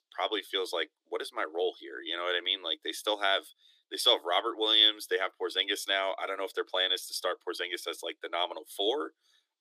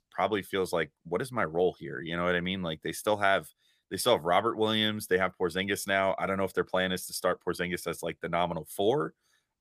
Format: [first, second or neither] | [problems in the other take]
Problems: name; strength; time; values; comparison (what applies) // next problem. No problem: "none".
second | thin; very; fading below 300 Hz